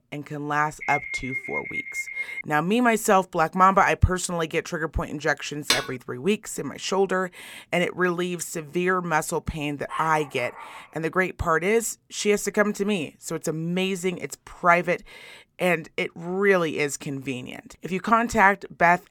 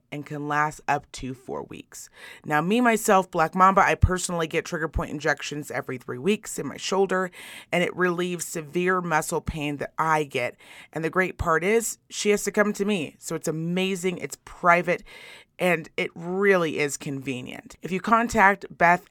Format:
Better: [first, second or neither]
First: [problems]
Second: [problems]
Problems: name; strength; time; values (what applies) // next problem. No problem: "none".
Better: second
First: alarm; noticeable; from 1 to 2.5 s; peak 4 dB below the speech // clattering dishes; loud; at 5.5 s; peak level with the speech // dog barking; faint; at 10 s; peak 10 dB below the speech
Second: none